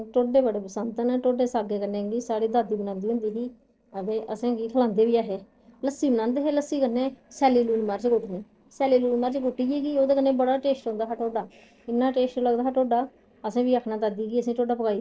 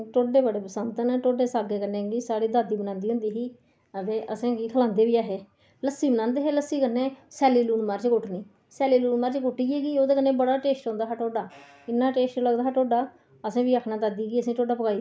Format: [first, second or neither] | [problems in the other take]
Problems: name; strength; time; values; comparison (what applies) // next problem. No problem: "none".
second | noise reduction (neural separator model SepFormer DNS4)